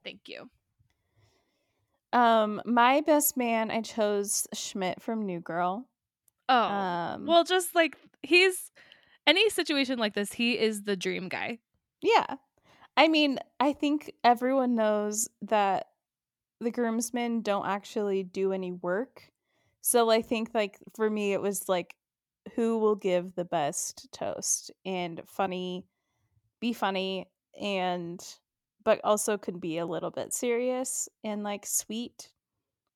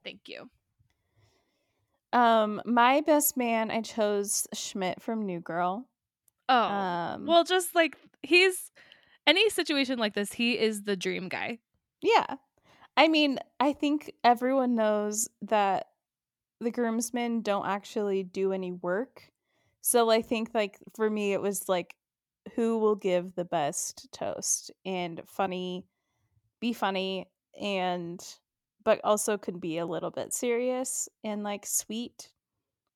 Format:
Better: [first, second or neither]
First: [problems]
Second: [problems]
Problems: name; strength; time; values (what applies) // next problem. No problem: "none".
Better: neither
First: none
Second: none